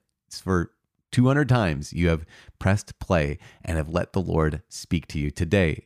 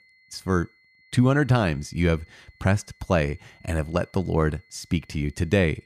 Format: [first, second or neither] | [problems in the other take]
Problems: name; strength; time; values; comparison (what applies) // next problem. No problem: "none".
first | high-pitched whine; faint; throughout; 2 kHz, 30 dB below the speech